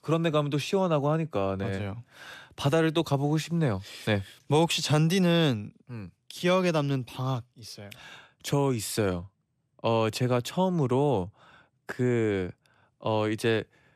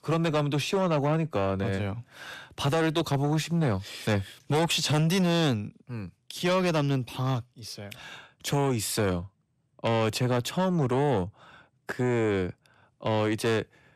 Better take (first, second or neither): first